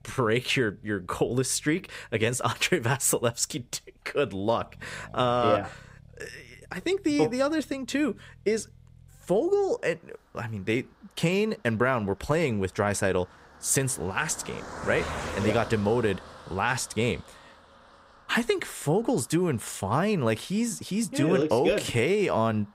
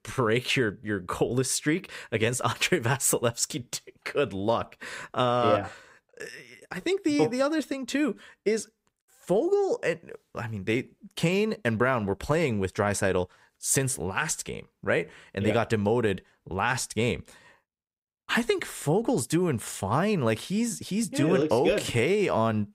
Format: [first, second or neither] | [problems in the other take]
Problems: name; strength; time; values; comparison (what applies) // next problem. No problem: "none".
second | traffic noise; noticeable; throughout; 15 dB below the speech